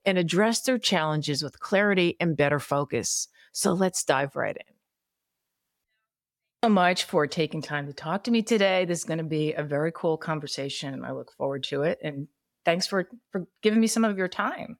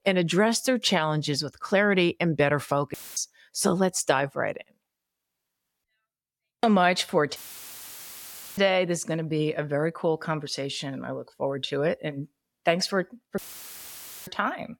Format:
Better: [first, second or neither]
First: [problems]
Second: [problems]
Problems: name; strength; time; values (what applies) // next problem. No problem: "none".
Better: first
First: none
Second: audio cutting out; filled with static; at 3 s, at 7.5 s for 1 s and at 13 s for 1 s